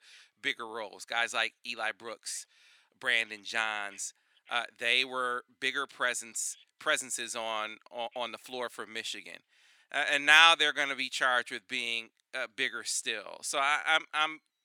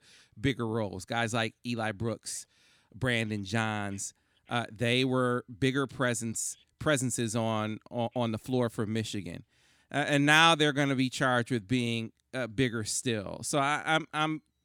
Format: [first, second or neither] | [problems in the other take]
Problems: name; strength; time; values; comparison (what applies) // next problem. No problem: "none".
second | thin; very; fading below 650 Hz